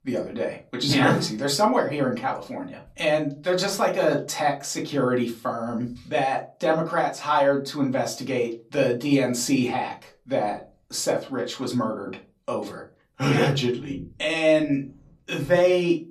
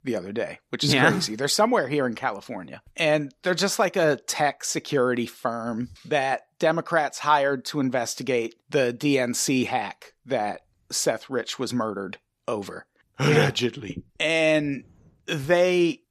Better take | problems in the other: second | off-mic speech; far // room echo; very slight; dies away in 0.3 s

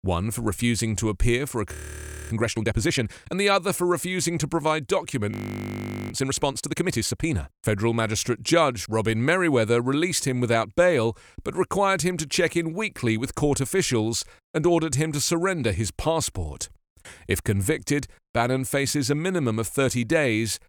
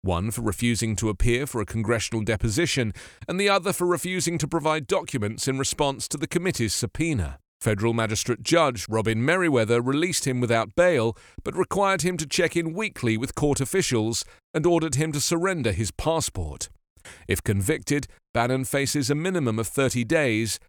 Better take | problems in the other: second | audio freezing; at 1.5 s for 0.5 s and at 5.5 s for 1 s

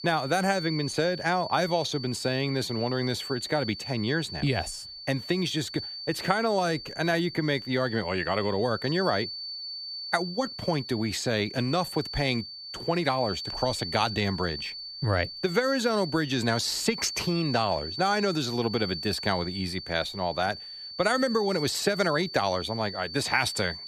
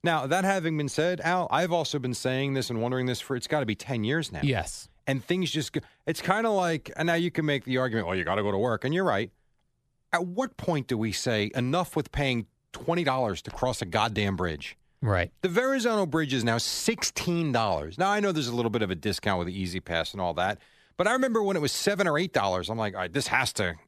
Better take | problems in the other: second | high-pitched whine; loud; throughout; 4.5 kHz, 8 dB below the speech

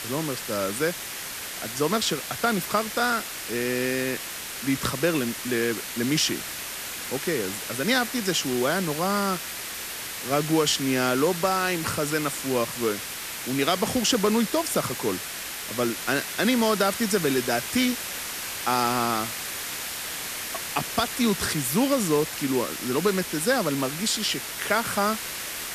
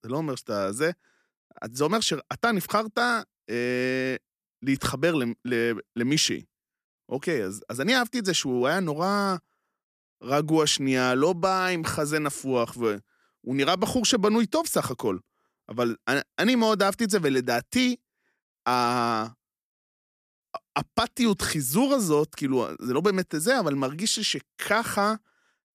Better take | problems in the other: second | hiss; loud; throughout; 6 dB below the speech

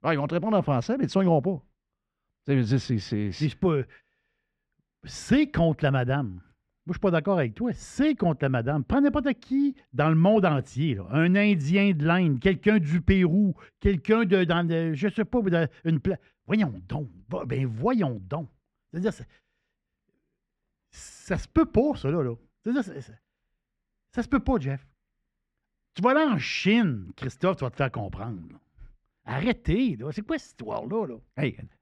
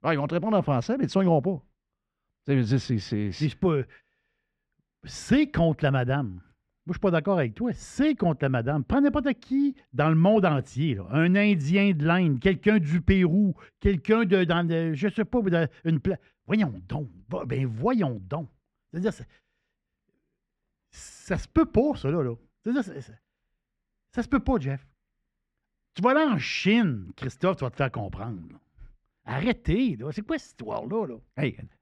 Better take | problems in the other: neither | muffled; slightly; fading above 2.5 kHz; the same in both

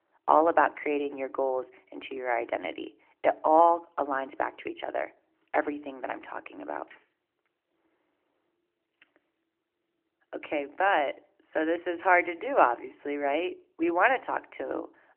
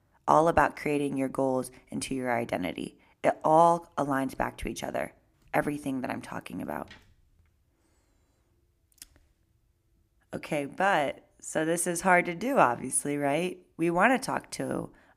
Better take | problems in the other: second | phone-call audio; nothing above 3 kHz

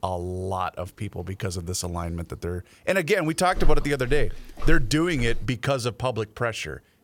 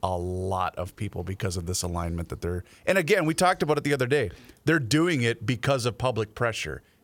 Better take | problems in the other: second | footsteps; noticeable; from 3.5 to 5.5 s; peak 5 dB below the speech

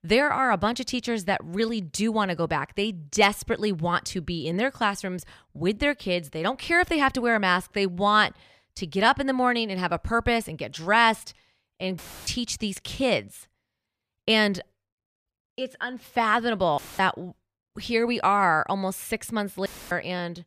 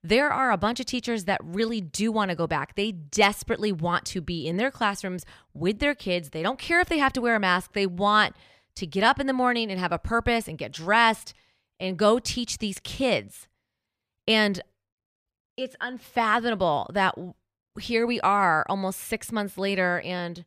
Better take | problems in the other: second | audio cutting out; filled with static; at 12 s, at 17 s and at 20 s

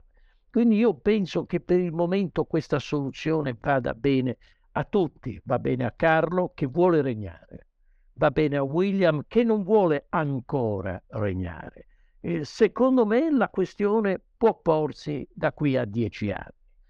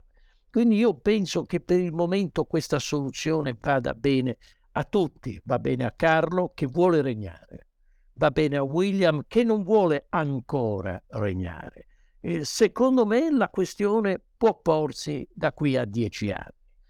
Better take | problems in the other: second | muffled; slightly; fading above 3 kHz

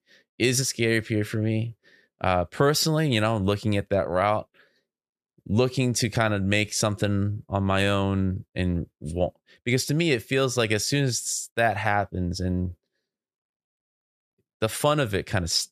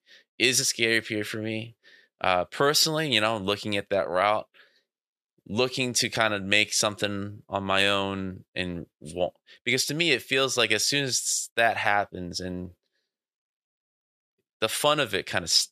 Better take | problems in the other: first | thin; somewhat; fading below 450 Hz

